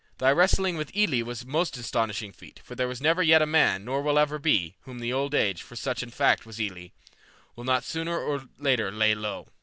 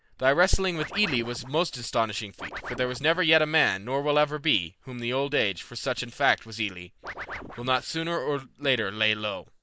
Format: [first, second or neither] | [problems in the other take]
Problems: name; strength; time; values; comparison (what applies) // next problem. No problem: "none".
first | noise reduction (neural mask model Resemble Enhance denoiser)